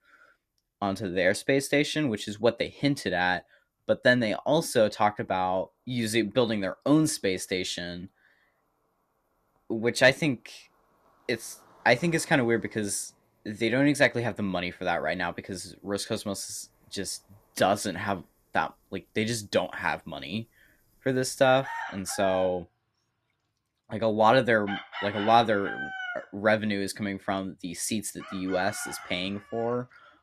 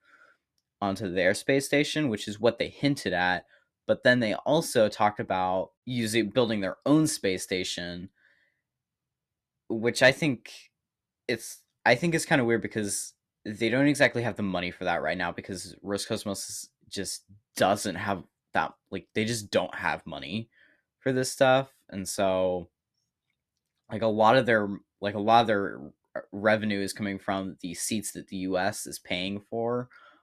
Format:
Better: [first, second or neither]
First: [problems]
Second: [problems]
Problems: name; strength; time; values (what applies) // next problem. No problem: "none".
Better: second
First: animal sounds; noticeable; throughout; 10 dB below the speech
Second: none